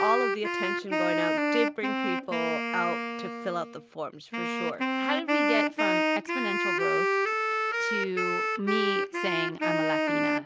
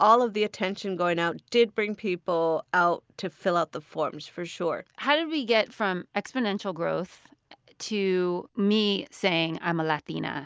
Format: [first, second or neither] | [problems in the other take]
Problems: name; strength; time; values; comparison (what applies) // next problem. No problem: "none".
second | background sound (Wind instrument, woodwind instrument); 5 dB above the speech